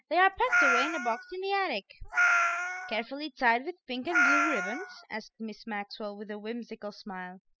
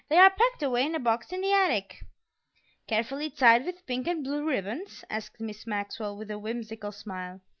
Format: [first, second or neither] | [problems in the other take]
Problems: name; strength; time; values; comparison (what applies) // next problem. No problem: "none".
second | noise reduction (classical method spectral subtraction)